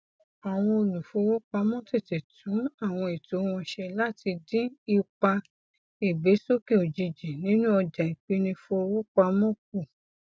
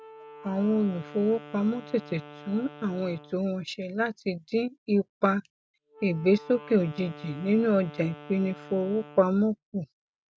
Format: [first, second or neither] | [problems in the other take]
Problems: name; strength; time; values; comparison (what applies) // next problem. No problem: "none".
first | background sound (Wind instrument, woodwind instrument); 19 dB below the speech